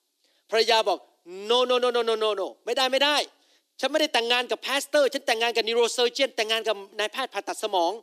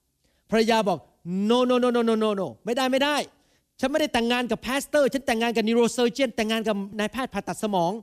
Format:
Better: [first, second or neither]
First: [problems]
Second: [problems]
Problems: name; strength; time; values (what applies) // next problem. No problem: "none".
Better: second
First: thin; somewhat; fading below 300 Hz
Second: none